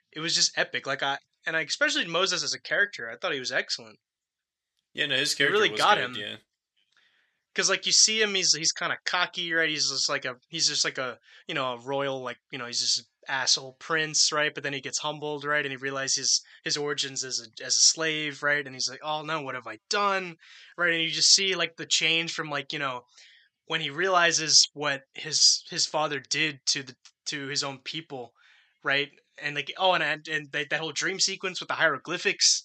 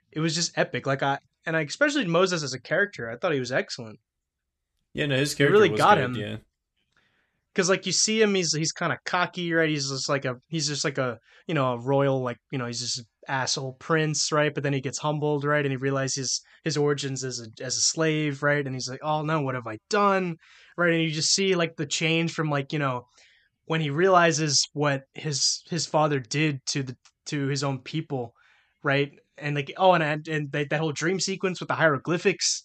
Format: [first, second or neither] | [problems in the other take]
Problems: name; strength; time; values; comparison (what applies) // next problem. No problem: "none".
second | thin; somewhat; fading below 450 Hz